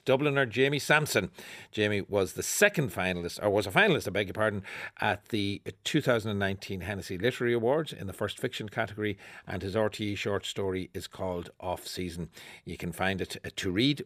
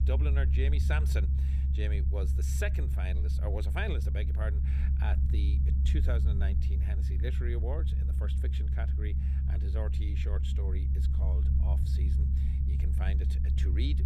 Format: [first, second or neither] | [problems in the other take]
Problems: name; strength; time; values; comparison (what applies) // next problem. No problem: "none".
first | low rumble; loud; throughout; 4 dB below the speech